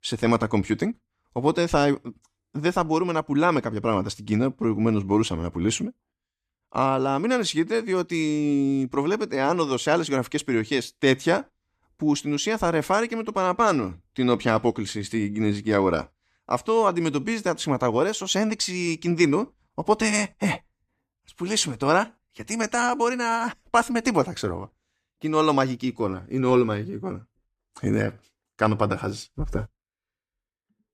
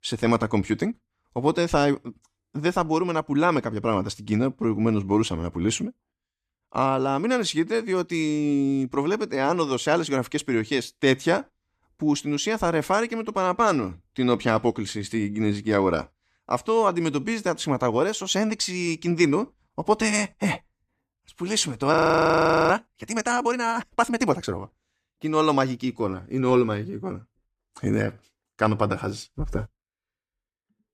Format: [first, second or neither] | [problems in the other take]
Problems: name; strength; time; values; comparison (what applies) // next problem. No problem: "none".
first | audio freezing; at 22 s for 1 s